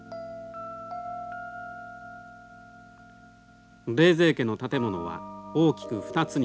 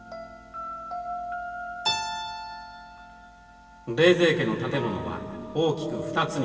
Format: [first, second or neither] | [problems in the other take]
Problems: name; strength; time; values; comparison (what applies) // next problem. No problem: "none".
first | background sound (Keyboard (musical)); 11 dB below the speech // room echo; dies away in 2.7 s